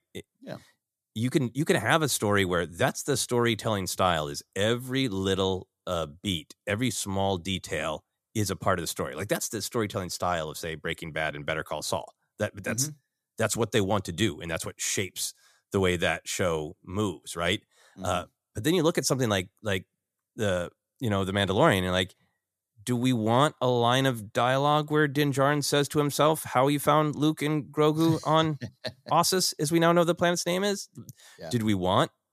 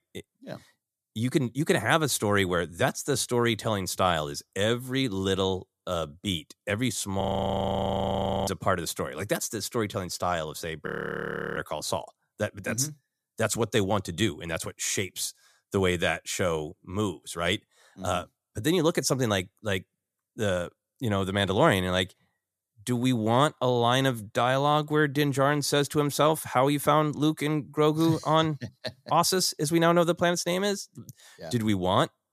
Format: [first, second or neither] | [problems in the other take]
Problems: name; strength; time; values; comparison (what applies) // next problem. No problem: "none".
first | audio freezing; at 7 s for 1.5 s and at 11 s for 0.5 s